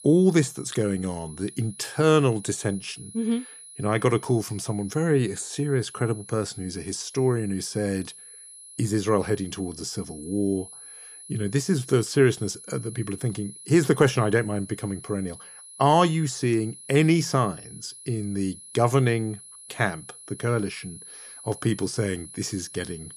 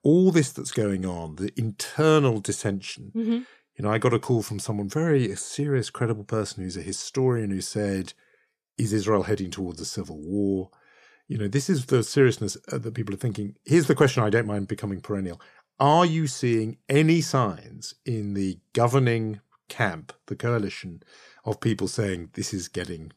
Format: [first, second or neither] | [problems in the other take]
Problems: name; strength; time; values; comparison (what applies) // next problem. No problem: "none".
second | high-pitched whine; noticeable; throughout; 10.5 kHz, 15 dB below the speech